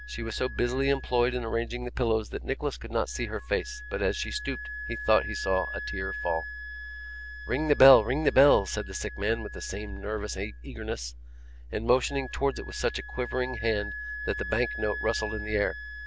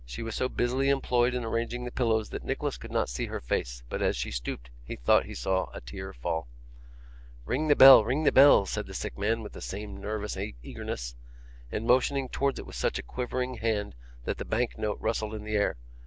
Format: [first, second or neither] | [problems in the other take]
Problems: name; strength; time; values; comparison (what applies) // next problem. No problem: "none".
second | background sound (Wind instrument, woodwind instrument); 12 dB below the speech